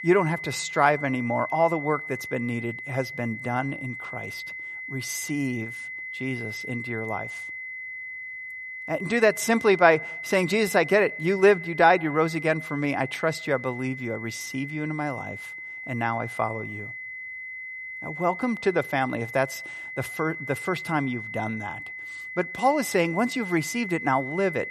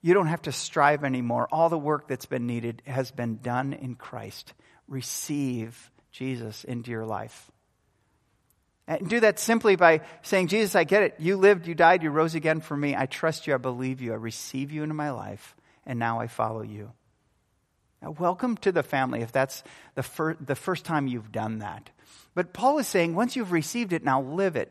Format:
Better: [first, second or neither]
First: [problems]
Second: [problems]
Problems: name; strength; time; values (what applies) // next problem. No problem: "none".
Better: second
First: high-pitched whine; loud; throughout; 2 kHz, 9 dB below the speech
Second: none